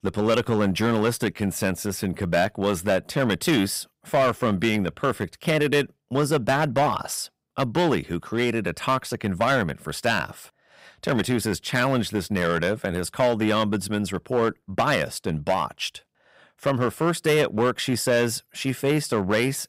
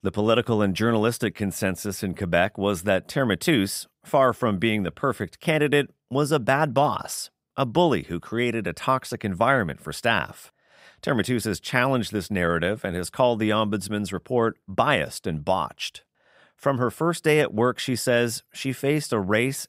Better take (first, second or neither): second